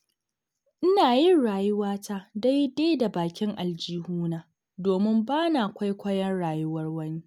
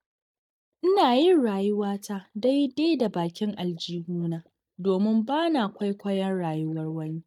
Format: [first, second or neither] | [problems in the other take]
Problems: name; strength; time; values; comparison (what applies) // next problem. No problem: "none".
first | noise reduction (neural mask model DeepFilterNet 3)